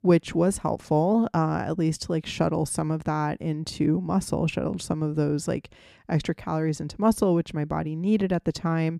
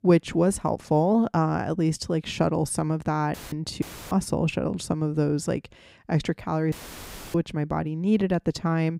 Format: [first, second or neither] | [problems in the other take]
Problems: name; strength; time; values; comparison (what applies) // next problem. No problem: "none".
first | audio cutting out; filled with static; at 3.5 s, at 4 s and at 6.5 s for 0.5 s